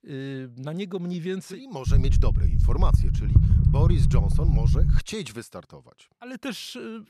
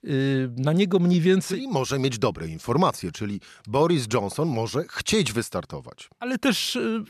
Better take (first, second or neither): second